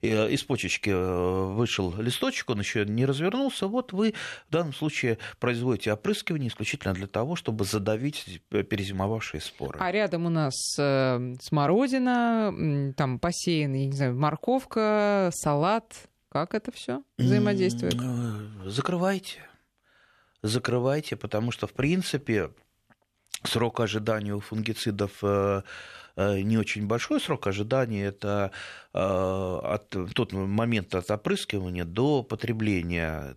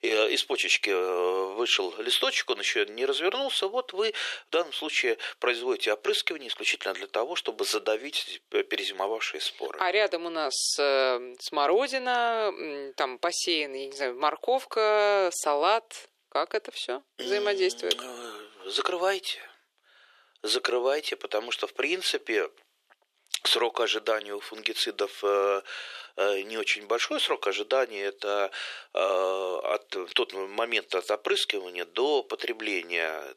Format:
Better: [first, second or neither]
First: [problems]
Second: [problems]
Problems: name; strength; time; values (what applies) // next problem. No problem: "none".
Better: first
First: none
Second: thin; very; fading below 350 Hz